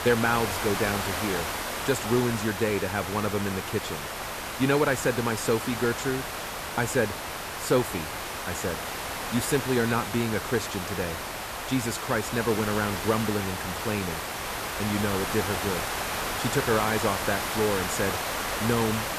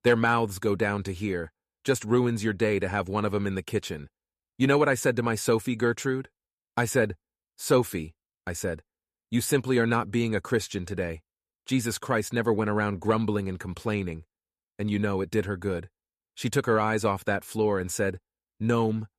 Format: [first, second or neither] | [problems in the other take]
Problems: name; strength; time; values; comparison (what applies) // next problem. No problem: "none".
second | hiss; loud; throughout; 3 dB below the speech